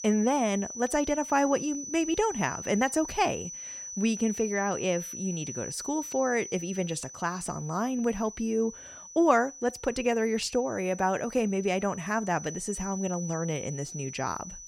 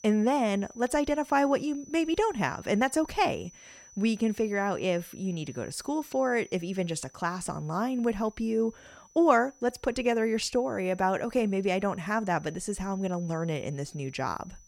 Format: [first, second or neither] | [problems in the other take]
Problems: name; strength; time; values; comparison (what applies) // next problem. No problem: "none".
second | high-pitched whine; loud; throughout; 6 kHz, 10 dB below the speech; faint in the second